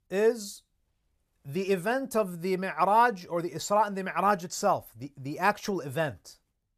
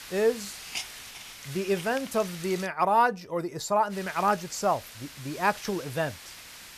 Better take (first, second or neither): first